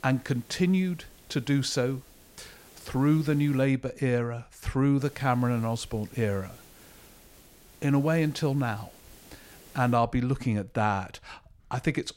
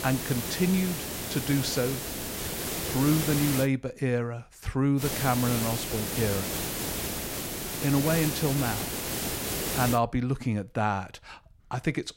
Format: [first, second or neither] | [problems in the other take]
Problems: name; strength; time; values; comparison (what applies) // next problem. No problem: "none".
first | hiss; loud; until 3.5 s and from 5 to 10 s; 3 dB below the speech; faint in the first